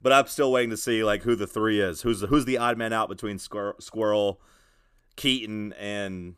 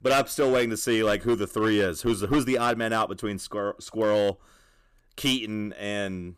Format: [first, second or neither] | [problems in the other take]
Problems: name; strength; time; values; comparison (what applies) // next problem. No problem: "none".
first | distortion; slight; 6% of the sound clipped